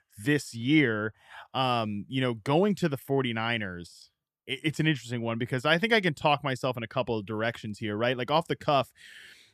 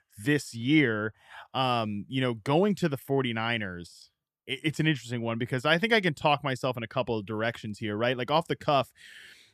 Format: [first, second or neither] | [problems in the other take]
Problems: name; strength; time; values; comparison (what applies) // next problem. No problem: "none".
neither | none